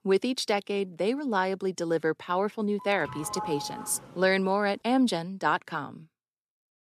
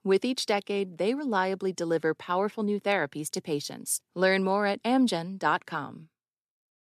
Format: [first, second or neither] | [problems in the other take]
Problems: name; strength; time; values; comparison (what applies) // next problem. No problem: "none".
second | doorbell; noticeable; from 3 to 4.5 s; peak 8 dB below the speech